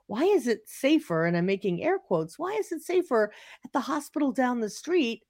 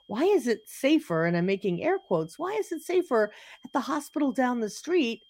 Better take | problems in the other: first | high-pitched whine; faint; throughout; 3 kHz, 30 dB below the speech

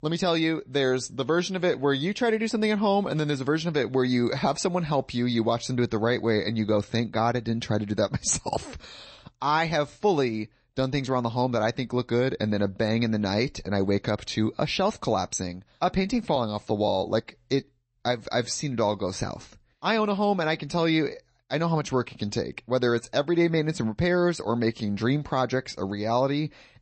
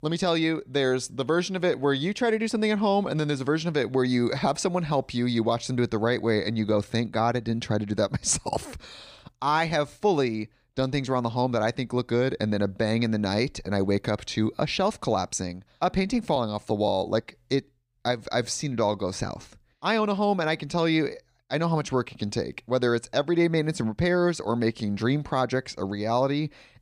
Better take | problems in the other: second | garbled, watery; slightly; nothing above 8 kHz

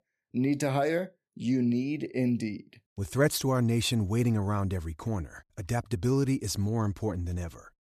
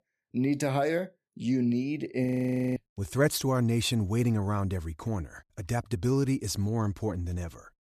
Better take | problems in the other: first | audio freezing; at 2.5 s for 0.5 s

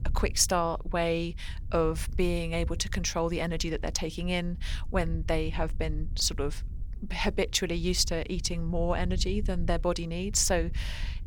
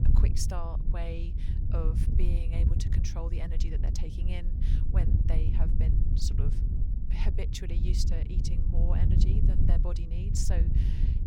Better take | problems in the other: first | wind noise on the microphone; heavy; 2 dB below the speech; occasional gusts in the first

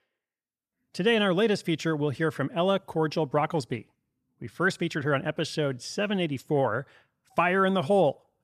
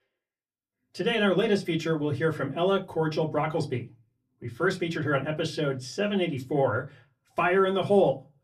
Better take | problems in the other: first | off-mic speech; far // room echo; very slight; dies away in 0.2 s

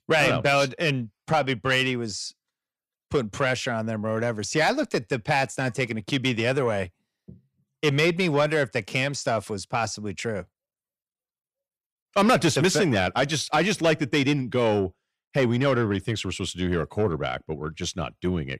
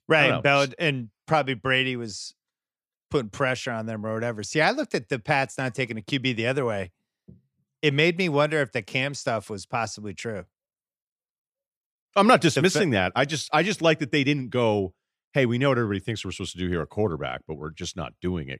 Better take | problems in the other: second | distortion; slight; 10 dB below the speech

